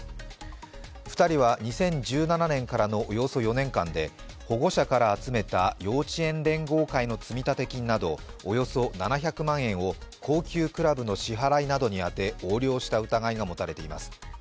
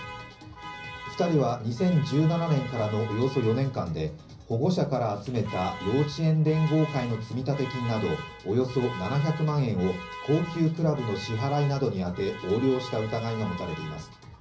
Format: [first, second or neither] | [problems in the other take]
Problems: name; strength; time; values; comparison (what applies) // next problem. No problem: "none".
first | background sound (Alarm); 15 dB below the speech // room echo; dies away in 0.5 s